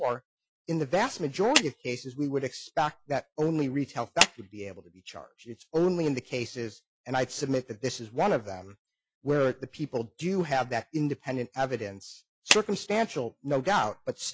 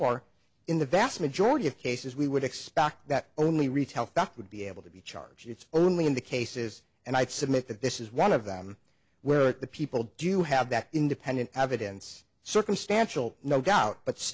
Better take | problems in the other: second | noise reduction (classical method Wiener filter)

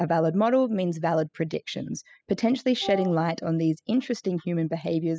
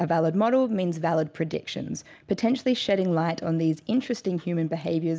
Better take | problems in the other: second | noise reduction (classical method spectral subtraction)

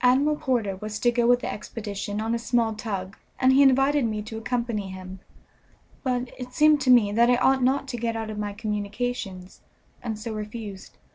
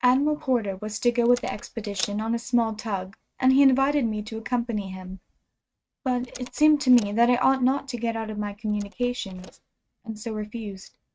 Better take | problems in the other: first | noise reduction (neural mask model RNNoise)

